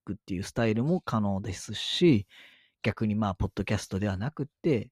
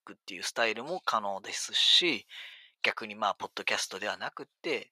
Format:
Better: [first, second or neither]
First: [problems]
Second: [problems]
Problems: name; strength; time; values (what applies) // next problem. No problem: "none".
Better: first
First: none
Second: thin; very; fading below 800 Hz